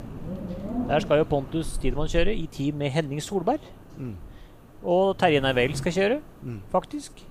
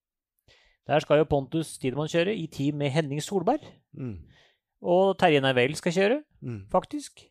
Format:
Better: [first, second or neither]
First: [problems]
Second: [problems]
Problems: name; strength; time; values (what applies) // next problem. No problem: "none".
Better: second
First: wind noise on the microphone; occasional gusts; 15 dB below the speech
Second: none